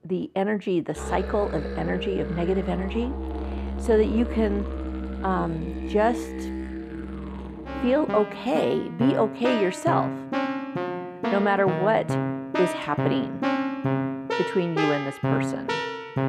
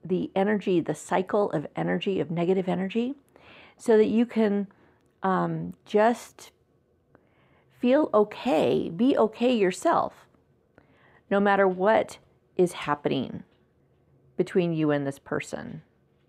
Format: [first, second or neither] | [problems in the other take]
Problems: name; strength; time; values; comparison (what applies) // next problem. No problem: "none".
second | background music; loud; throughout; 4 dB below the speech